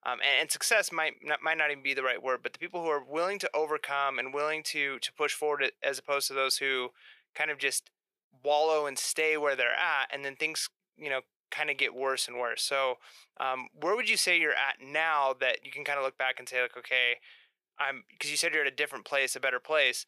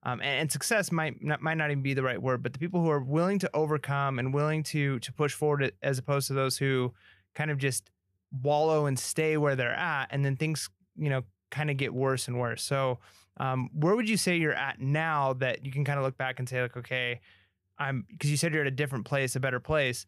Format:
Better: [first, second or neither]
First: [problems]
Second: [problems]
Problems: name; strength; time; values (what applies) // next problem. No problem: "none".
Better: second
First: thin; very; fading below 450 Hz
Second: none